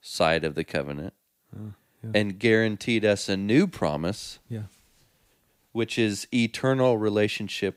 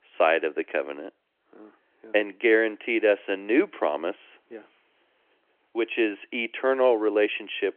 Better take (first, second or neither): first